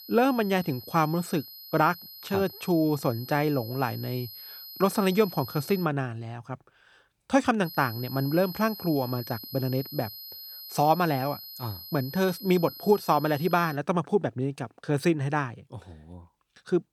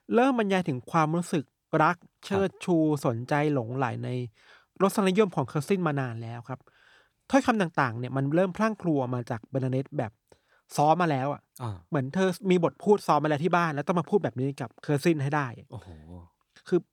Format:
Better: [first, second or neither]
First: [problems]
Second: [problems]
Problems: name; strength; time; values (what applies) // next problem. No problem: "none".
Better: second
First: high-pitched whine; noticeable; until 6 s and from 7.5 to 14 s; 4 kHz, 15 dB below the speech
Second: none